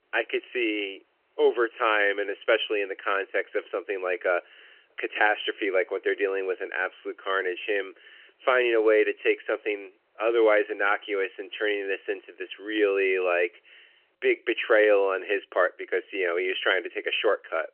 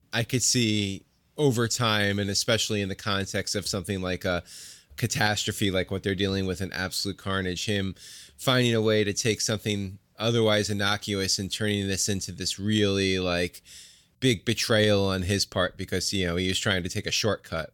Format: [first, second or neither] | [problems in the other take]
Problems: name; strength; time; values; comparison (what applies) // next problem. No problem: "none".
second | phone-call audio; nothing above 3 kHz